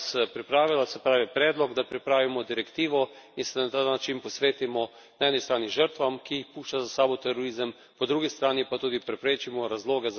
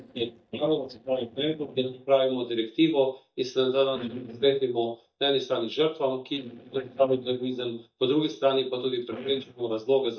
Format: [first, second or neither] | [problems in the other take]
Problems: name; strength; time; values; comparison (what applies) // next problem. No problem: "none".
first | noise reduction (neural mask model DeepFilterNet 3)